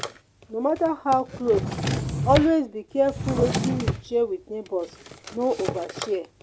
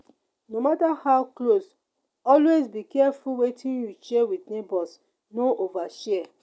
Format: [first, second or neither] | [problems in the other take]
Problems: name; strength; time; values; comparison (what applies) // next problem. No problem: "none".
second | background sound (Drawer open or close); 5 dB below the speech